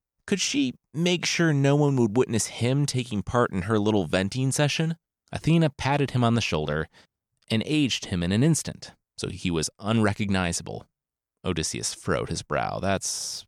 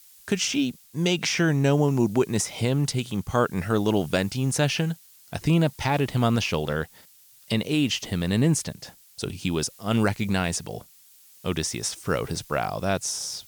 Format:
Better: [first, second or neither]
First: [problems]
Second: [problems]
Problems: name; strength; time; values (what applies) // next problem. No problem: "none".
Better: first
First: none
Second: hiss; faint; throughout; 25 dB below the speech